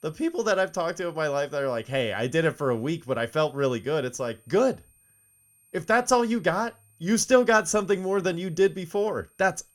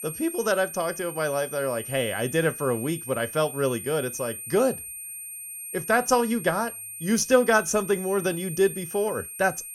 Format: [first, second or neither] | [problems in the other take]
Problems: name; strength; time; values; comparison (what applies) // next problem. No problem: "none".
first | high-pitched whine; loud; throughout; 8.5 kHz, 9 dB below the speech; faint in the first